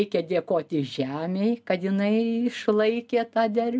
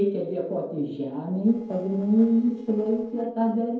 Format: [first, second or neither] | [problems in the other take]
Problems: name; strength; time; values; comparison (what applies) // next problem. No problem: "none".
first | noise reduction (neural separator model SepFormer DNS4)